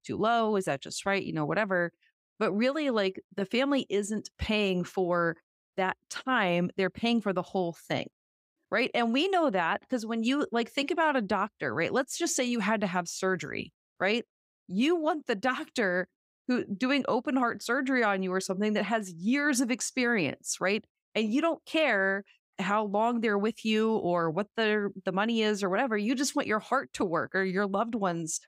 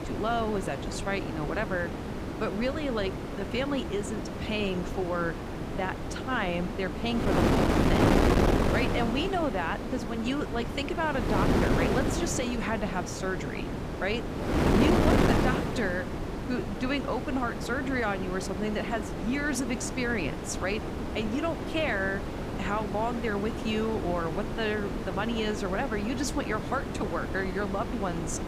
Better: first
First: none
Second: wind noise on the microphone; heavy; 2 dB below the speech

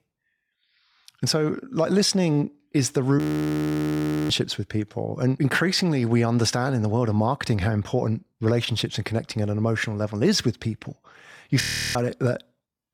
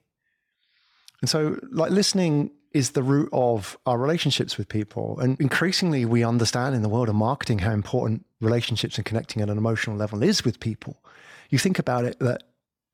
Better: second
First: audio freezing; at 3 s for 1 s and at 12 s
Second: none

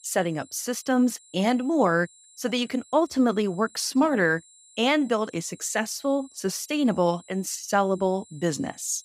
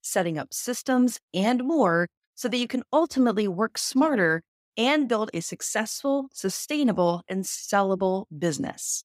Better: second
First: high-pitched whine; faint; throughout; 7.5 kHz, 25 dB below the speech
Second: none

